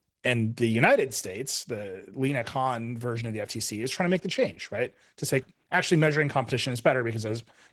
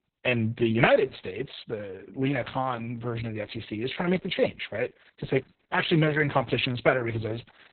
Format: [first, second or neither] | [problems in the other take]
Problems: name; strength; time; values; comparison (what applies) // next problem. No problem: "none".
first | garbled, watery; badly; nothing above 4 kHz; slightly in the first